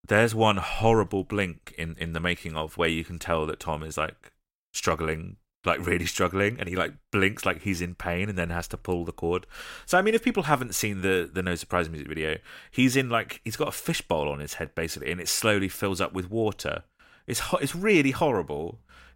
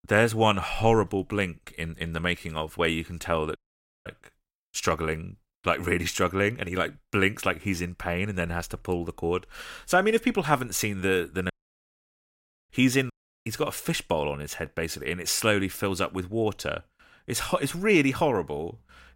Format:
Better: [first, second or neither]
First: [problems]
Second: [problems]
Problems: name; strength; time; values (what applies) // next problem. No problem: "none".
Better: first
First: none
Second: audio cutting out; at 3.5 s, at 12 s for 1 s and at 13 s